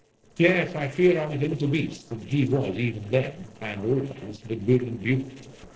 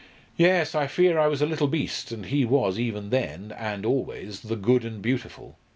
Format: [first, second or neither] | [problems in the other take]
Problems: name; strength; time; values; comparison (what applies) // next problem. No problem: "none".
second | noise reduction (neural separator model SepFormer DNS4)